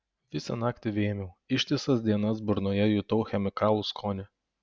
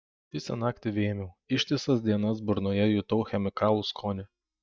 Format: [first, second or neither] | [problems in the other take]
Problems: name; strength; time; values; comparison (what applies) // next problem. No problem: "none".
first | noise reduction (neural mask model DeepFilterNet 3)